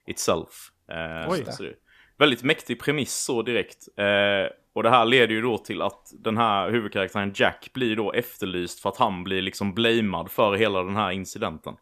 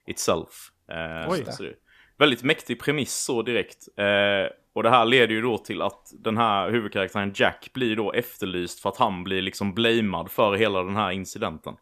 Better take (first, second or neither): neither